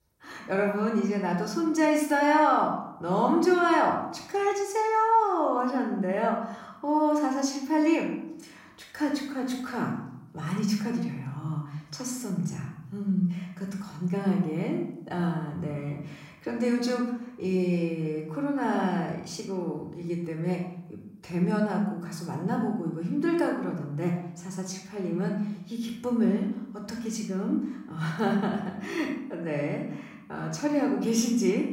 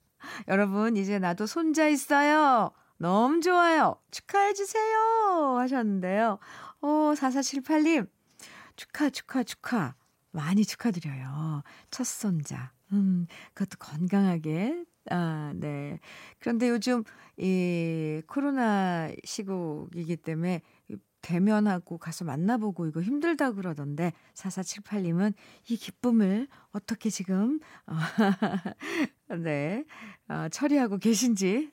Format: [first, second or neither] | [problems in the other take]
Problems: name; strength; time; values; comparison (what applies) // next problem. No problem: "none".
second | off-mic speech; somewhat distant // room echo; noticeable; dies away in 0.7 s